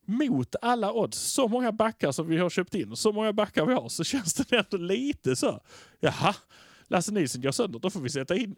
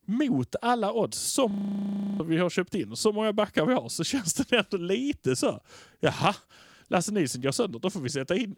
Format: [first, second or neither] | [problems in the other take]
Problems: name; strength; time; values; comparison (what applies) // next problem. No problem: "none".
first | audio freezing; at 1.5 s for 0.5 s